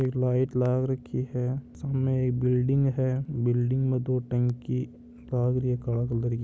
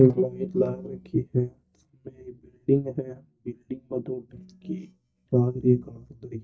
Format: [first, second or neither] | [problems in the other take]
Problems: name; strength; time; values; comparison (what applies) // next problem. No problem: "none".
first | noise reduction (neural mask model DeepFilterNet 3)